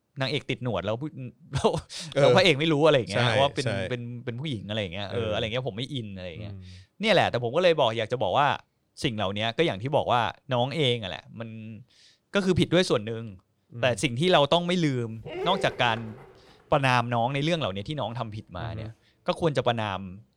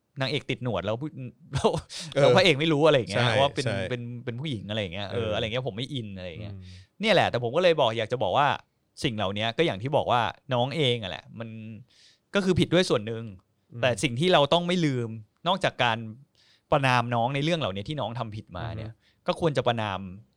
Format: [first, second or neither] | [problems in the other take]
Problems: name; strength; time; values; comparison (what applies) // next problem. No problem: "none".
second | dog barking; noticeable; from 15 to 16 s; peak 7 dB below the speech